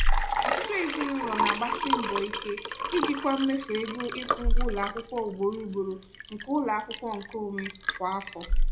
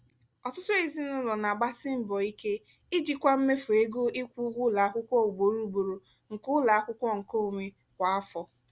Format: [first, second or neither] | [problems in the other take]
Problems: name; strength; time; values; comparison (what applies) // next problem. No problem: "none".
second | background sound (Liquid); 3 dB above the speech // room echo; dies away in 0.4 s